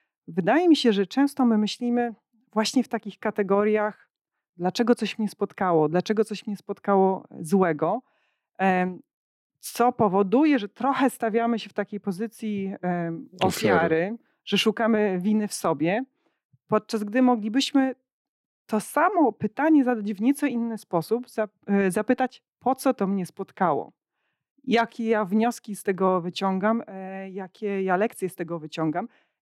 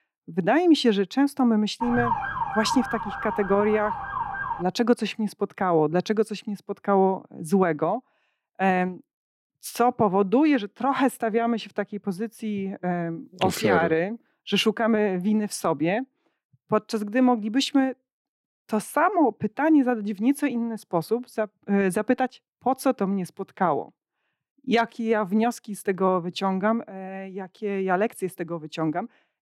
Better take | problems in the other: first | siren; noticeable; from 2 to 4.5 s; peak 2 dB below the speech

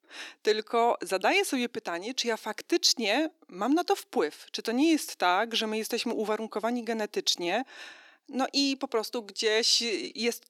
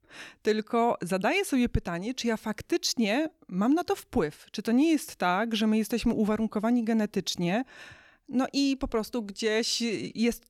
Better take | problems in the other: second | thin; somewhat; fading below 300 Hz

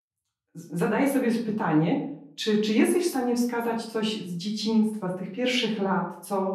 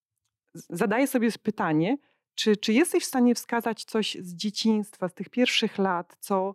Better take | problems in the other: second | room echo; slight; dies away in 0.5 s // off-mic speech; far

